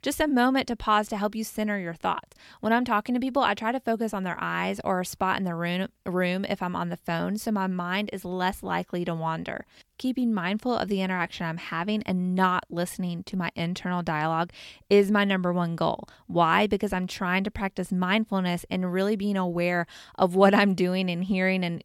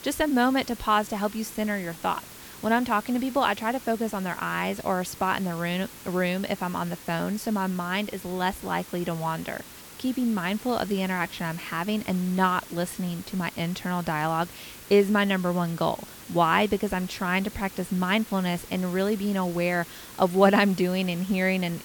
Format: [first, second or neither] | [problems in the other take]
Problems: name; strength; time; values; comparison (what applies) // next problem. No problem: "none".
first | hiss; noticeable; throughout; 15 dB below the speech